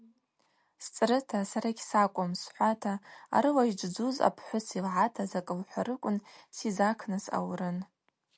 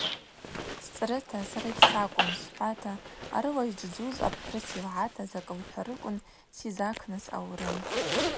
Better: first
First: none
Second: background sound (Zipper (clothing)); 1 dB above the speech

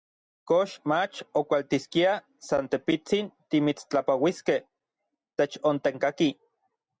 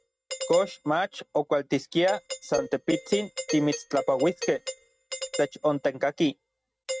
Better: first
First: none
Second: noise reduction (neural mask model RNNoise)

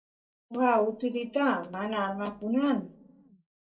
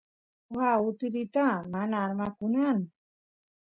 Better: second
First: room echo; dies away in 0.2 s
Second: none

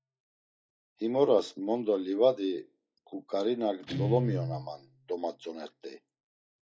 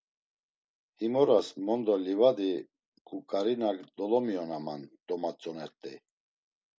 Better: second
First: noise reduction (classical method log-MMSE)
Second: none

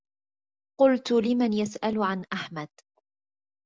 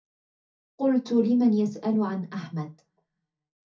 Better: first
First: none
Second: room echo; dies away in 0.3 s

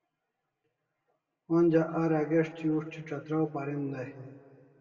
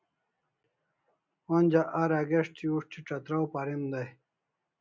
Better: second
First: room echo; dies away in 1.7 s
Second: none

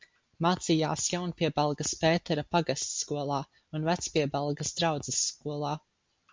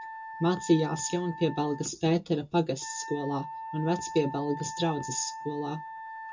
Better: first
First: none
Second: background sound (Wind instrument, woodwind instrument); 11 dB below the speech // room echo; dies away in 0.2 s

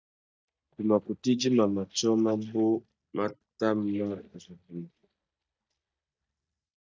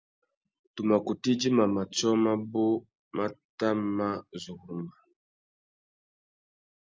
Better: second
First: noise reduction (neural mask model DeepFilterNet 3)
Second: none

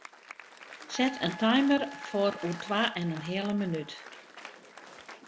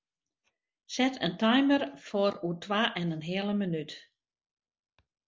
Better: second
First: background sound (Wind instrument, woodwind instrument + Applause); 14 dB below the speech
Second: none

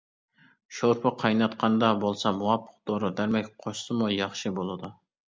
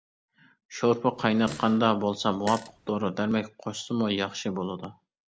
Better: first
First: none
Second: background sound (Fart); 15 dB below the speech

